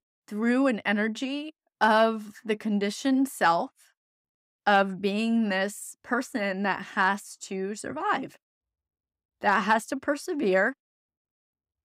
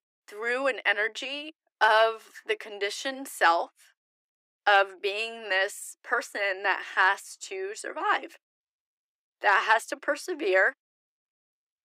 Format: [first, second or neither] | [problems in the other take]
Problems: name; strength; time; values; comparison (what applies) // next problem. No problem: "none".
first | thin; very; fading below 350 Hz